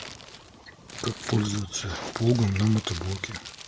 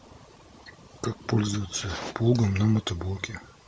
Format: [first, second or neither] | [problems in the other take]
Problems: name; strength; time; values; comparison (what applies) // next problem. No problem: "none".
second | background sound (Crumpling, crinkling); 14 dB below the speech